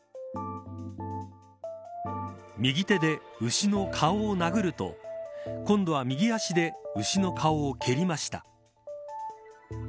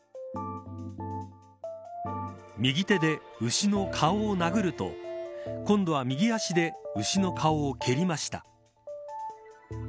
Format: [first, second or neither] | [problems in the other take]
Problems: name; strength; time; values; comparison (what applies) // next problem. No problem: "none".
first | background sound (Bowed string instrument); 17 dB below the speech